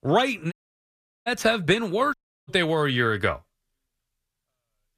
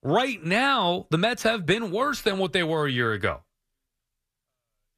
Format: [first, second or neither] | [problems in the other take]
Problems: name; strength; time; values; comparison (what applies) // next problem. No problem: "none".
second | audio cutting out; at 0.5 s for 0.5 s and at 2 s